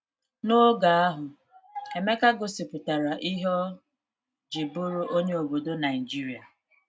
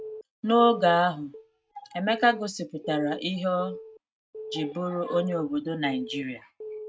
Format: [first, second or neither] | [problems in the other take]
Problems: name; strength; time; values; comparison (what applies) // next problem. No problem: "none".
first | noise reduction (neural mask model RNNoise)